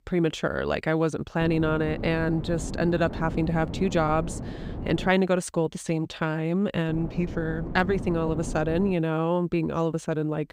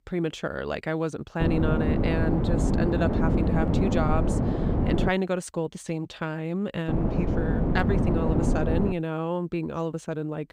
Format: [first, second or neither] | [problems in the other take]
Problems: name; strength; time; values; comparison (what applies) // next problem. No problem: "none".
first | wind noise on the microphone; heavy; from 1.5 to 5 s and from 7 to 9 s; as loud as the speech; occasional gusts in the first